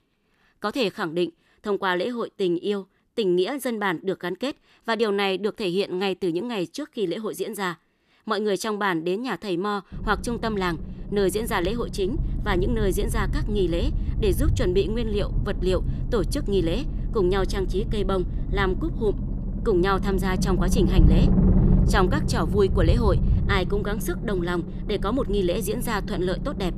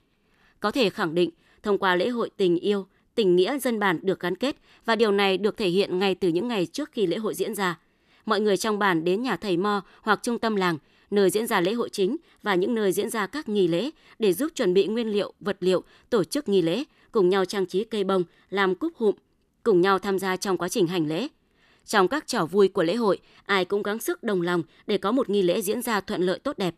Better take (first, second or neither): second